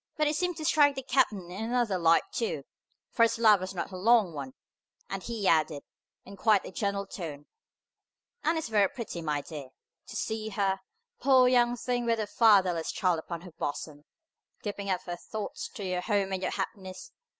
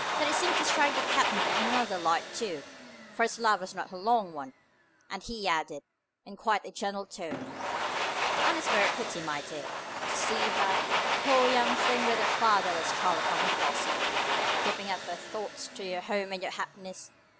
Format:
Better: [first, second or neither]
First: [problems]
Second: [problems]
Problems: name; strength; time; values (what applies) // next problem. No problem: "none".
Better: first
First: none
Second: background sound (Domestic sounds, home sounds); as loud as the speech